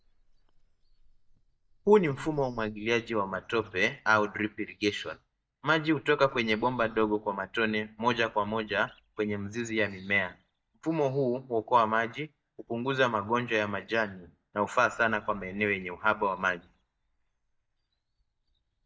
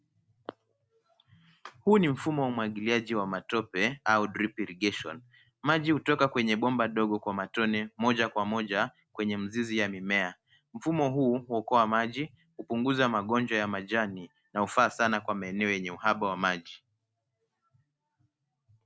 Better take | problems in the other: second | noise reduction (neural mask model DeepFilterNet 3)

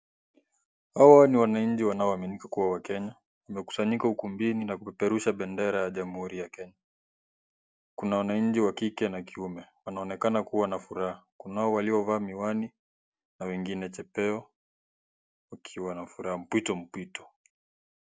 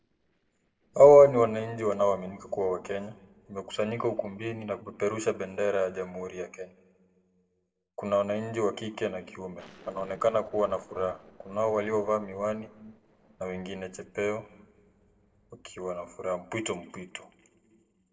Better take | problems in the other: first | noise reduction (neural separator model SepFormer DNS4)

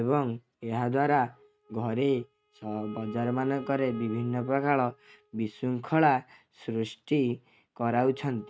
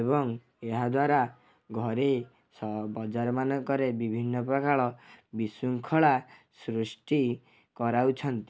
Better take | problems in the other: second | noise reduction (neural mask model RNNoise)

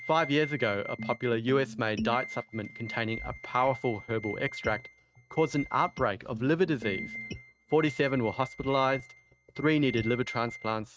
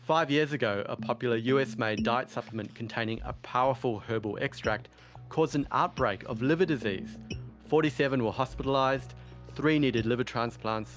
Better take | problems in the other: second | noise reduction (neural mask model RNNoise)

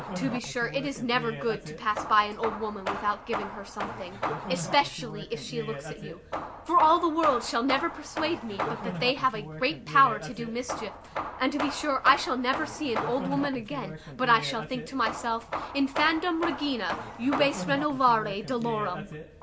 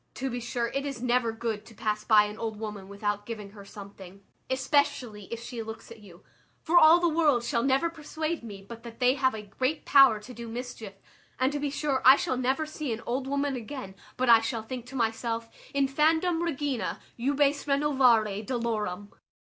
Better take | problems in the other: second | background sound (Hammer / Wood); 8 dB below the speech

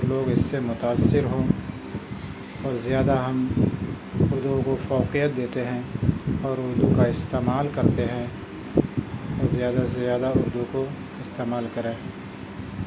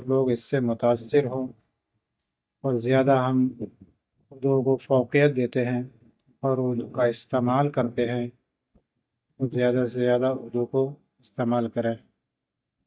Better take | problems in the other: first | noise reduction (neural mask model DeepFilterNet 3)

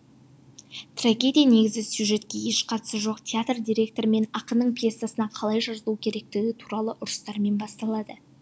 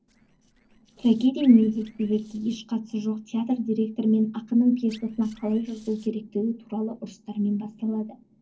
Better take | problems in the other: first | noise reduction (neural separator model SepFormer DNS4)

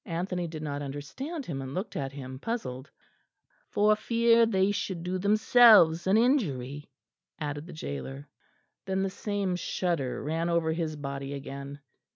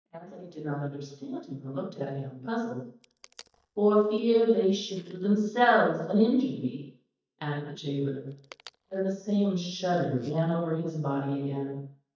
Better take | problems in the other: first | noise reduction (neural mask model DeepFilterNet 3)

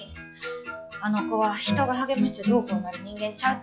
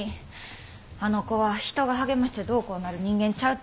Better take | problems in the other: second | noise reduction (classical method log-MMSE)

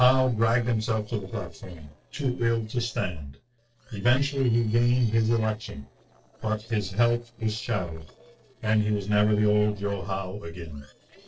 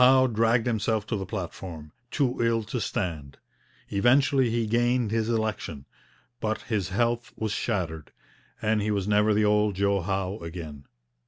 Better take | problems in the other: second | noise reduction (neural separator model SepFormer DNS4)

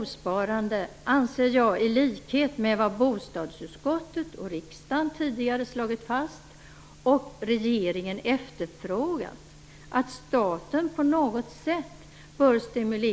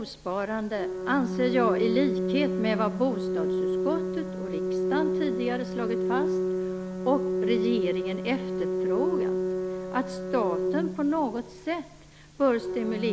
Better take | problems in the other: first | background sound (Organ); as loud as the speech

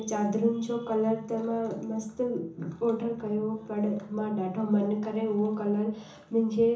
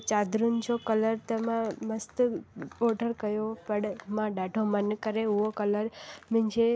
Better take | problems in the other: second | room echo; dies away in 0.7 s

